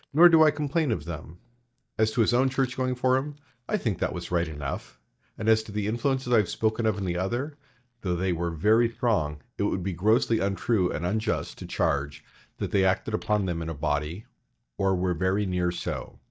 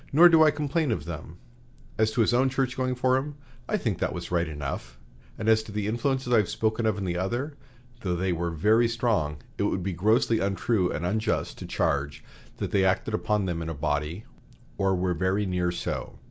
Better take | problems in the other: second | noise reduction (neural mask model DeepFilterNet 3)

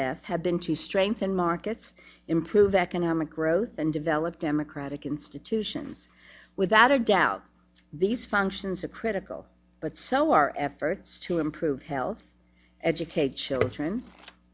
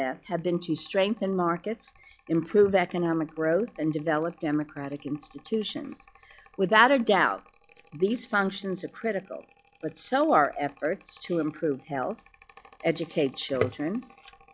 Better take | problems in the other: first | noise reduction (classical method log-MMSE)

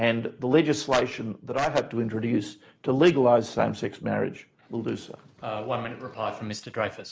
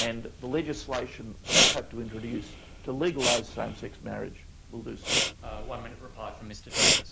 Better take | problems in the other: first | background sound (Respiratory sounds); 4 dB above the speech

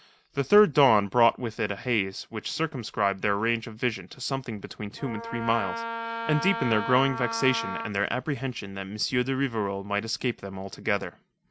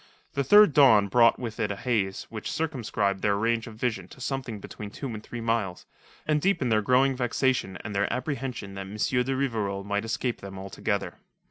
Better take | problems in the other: second | background sound (Wind instrument, woodwind instrument); 7 dB below the speech

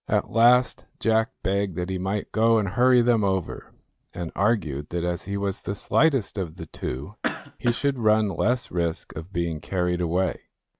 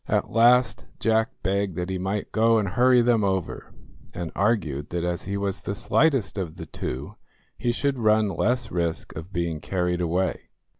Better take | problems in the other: second | noise reduction (neural mask model RNNoise)

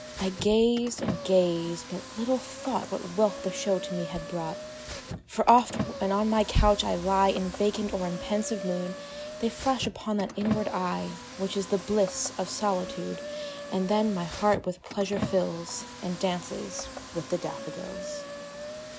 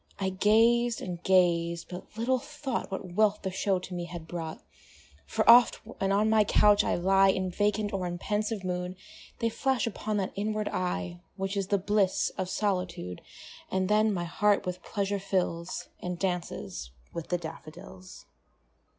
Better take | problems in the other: second | background sound (Car); 10 dB below the speech

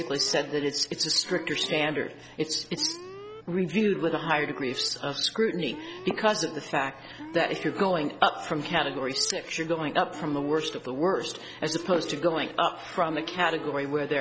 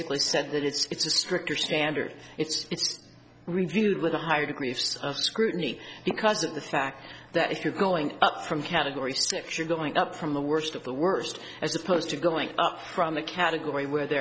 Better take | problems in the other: second | background sound (Alarm); 16 dB below the speech

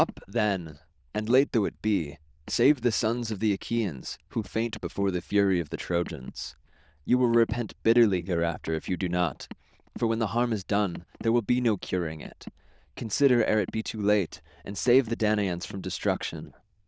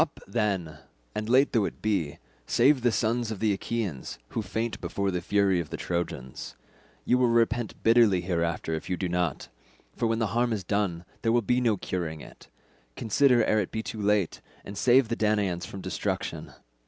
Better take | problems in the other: second | noise reduction (neural diffusion model UNIVERSE++)

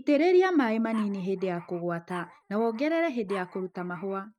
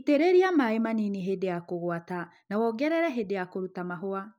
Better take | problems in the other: second | noise reduction (neural mask model RNNoise)

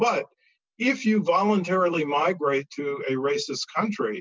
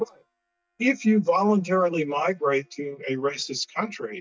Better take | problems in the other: first | noise reduction (neural mask model DeepFilterNet 3)

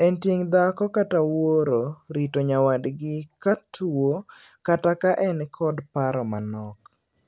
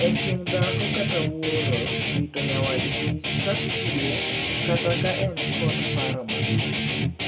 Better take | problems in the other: first | background sound (Guitar); 5 dB above the speech // room echo; dies away in 0.6 s

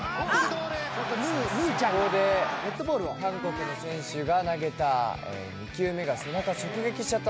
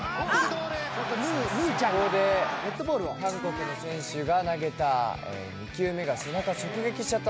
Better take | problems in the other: first | background sound (Rattle (instrument)); 19 dB below the speech

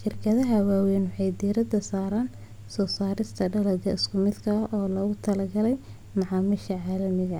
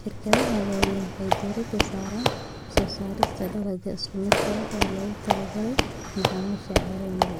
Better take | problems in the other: first | background sound (Squeak / Walk, footsteps); 2 dB above the speech

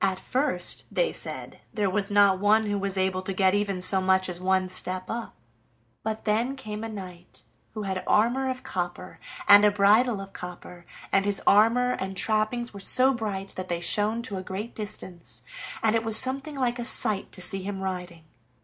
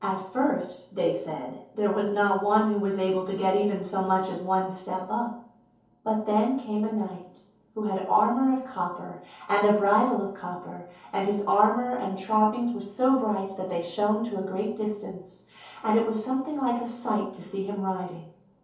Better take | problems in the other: first | room echo; dies away in 0.6 s

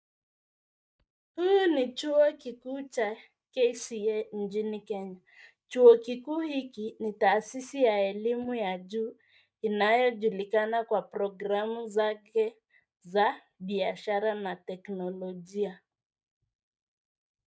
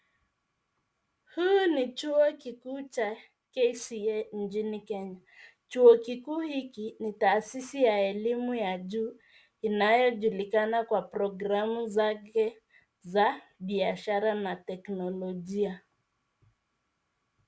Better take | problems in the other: second | noise reduction (neural mask model DeepFilterNet 3)

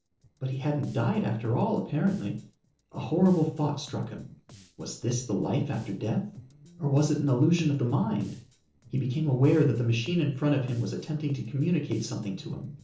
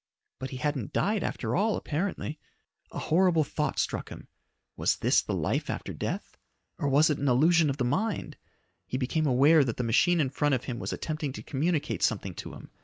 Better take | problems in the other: second | noise reduction (neural separator model SepFormer DNS4)

